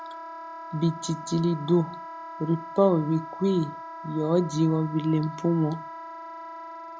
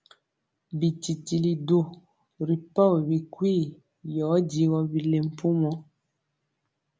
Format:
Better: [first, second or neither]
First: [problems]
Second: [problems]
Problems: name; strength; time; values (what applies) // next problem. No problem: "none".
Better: second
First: background sound (Wind instrument, woodwind instrument); 12 dB below the speech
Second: none